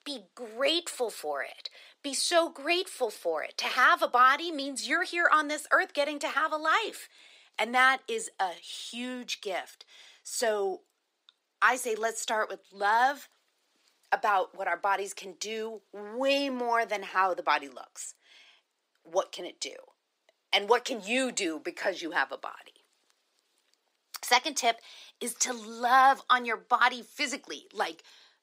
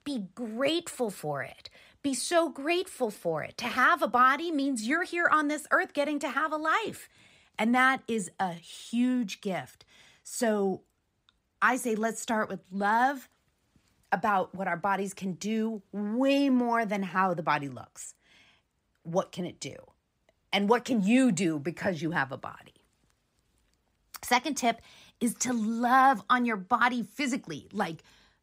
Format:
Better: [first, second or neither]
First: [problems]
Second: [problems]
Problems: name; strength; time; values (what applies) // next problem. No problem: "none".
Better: second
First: thin; somewhat; fading below 350 Hz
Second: none